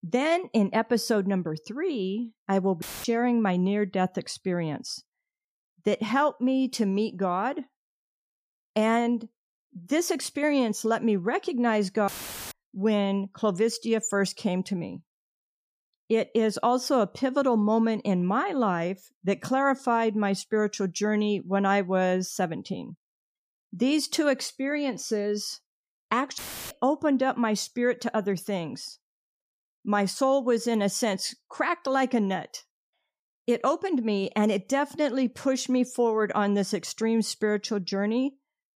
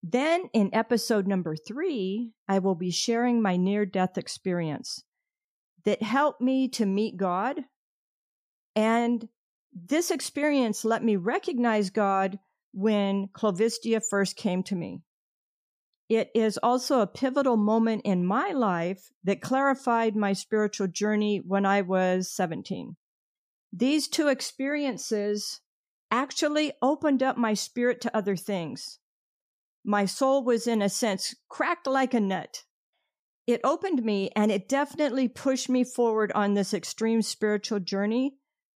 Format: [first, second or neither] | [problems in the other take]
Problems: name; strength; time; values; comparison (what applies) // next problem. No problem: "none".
second | audio cutting out; filled with static; at 3 s, at 12 s and at 26 s